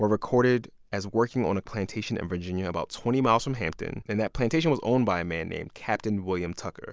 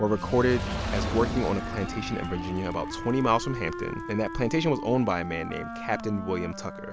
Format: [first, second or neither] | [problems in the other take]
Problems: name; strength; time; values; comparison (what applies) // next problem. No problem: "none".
first | background sound (Wind instrument, woodwind instrument + Fire); 6 dB below the speech